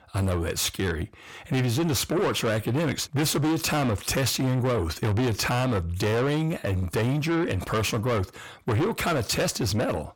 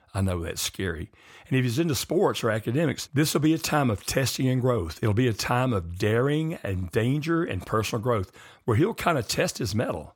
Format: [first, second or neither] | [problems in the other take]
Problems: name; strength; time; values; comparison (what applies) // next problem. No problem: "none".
second | distortion; heavy; 7 dB below the speech